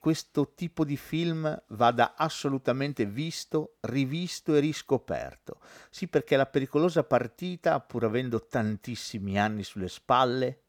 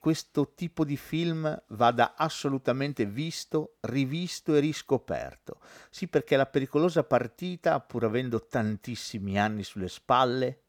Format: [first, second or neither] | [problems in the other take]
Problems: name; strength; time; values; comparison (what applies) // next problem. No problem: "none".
neither | none